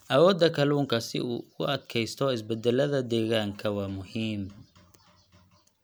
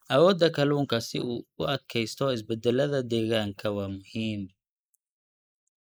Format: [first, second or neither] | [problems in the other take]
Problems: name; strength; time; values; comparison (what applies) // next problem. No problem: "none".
first | noise reduction (neural mask model Resemble Enhance denoiser)